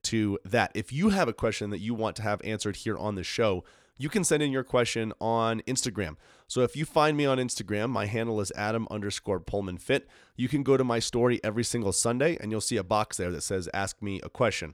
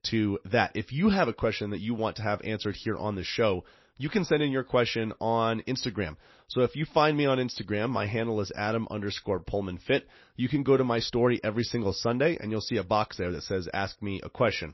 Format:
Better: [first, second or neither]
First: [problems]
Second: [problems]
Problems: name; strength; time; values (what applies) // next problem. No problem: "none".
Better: first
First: none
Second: garbled, watery; slightly; nothing above 5.5 kHz